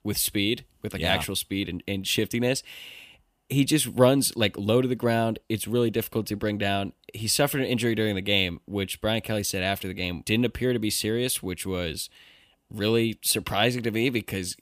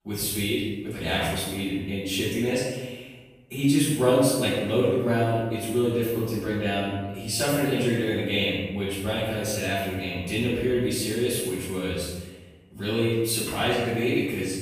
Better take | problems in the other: first | room echo; strong; dies away in 1 s // off-mic speech; far

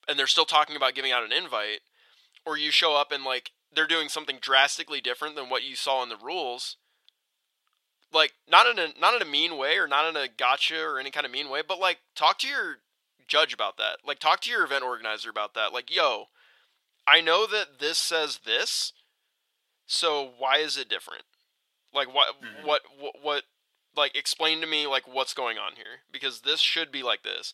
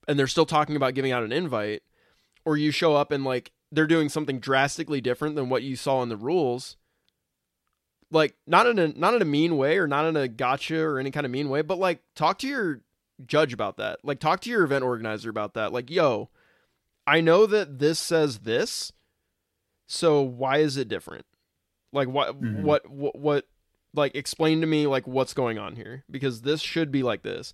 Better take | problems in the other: second | thin; very; fading below 850 Hz

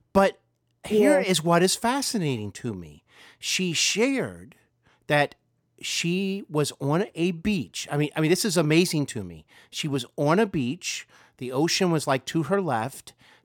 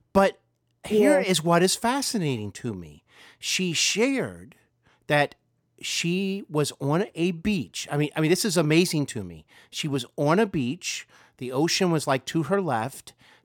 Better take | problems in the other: neither | none

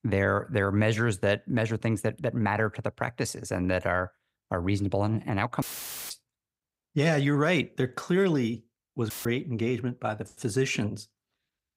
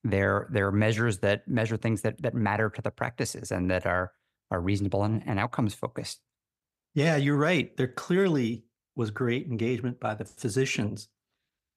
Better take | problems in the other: second | audio cutting out; filled with static; at 5.5 s and at 9 s

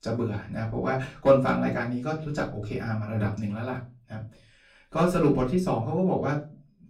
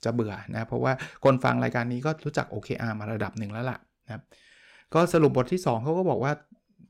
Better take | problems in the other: second | off-mic speech; far // room echo; very slight; dies away in 0.3 s

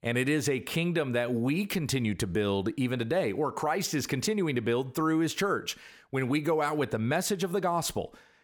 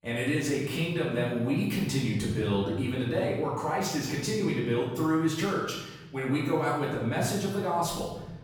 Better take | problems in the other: first | off-mic speech; far // room echo; noticeable; dies away in 1.3 s

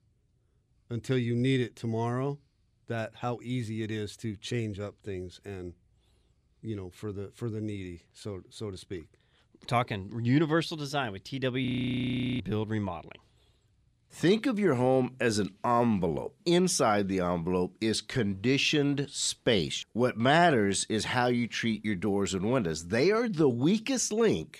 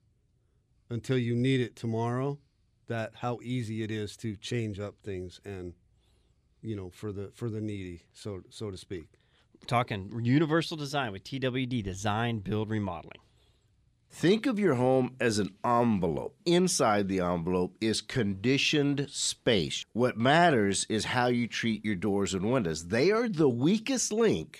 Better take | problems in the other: second | audio freezing; at 12 s for 1 s

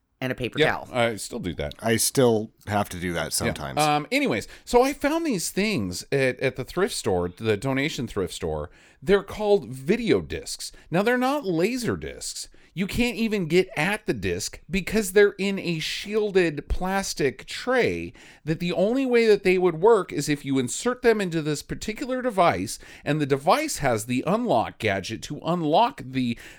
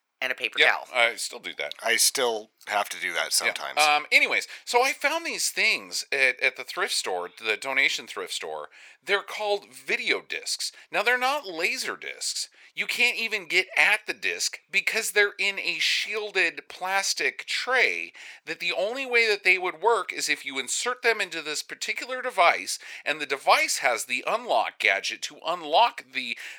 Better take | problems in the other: first | thin; very; fading below 750 Hz

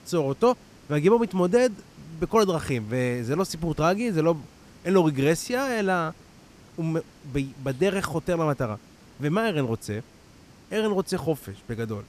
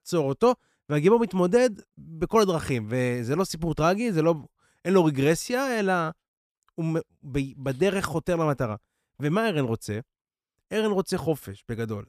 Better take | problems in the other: second | hiss; faint; throughout; 25 dB below the speech

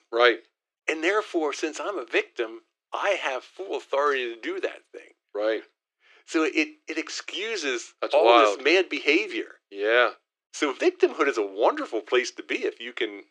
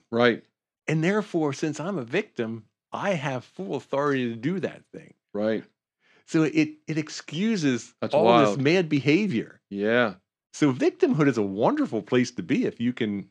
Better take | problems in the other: second | thin; very; fading below 350 Hz

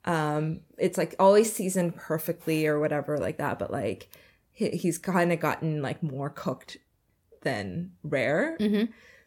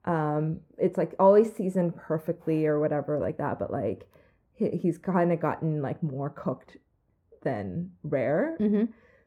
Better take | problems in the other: first | muffled; very; fading above 2 kHz

